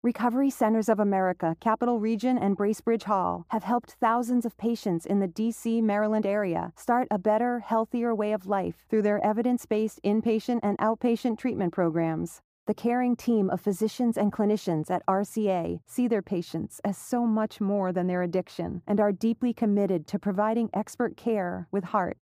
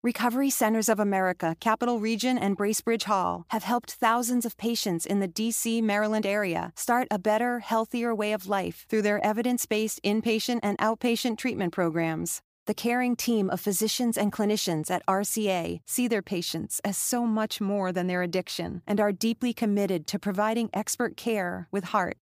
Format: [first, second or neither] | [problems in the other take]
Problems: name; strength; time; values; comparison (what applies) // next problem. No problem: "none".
second | muffled; slightly; fading above 2 kHz